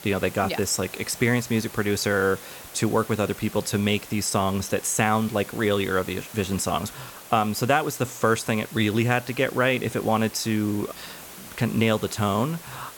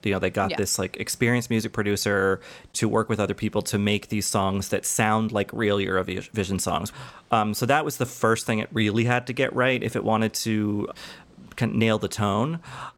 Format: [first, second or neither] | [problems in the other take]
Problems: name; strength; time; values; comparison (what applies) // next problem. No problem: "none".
second | hiss; noticeable; throughout; 15 dB below the speech